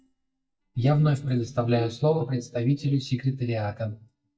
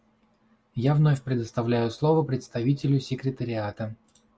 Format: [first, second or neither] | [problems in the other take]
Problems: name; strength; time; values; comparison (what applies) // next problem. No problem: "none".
second | noise reduction (neural mask model DeepFilterNet 3)